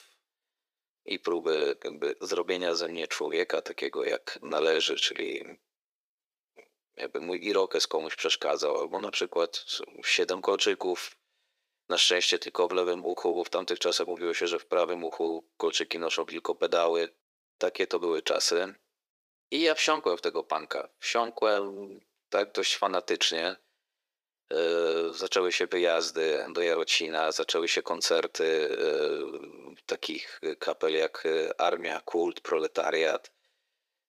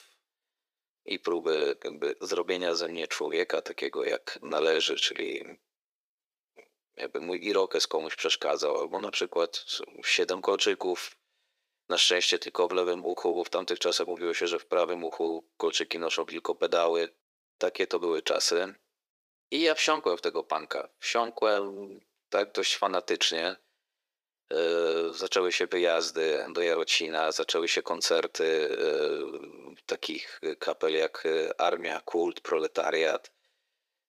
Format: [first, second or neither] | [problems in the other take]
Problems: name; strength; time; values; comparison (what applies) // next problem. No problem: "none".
neither | thin; very; fading below 400 Hz; the same in both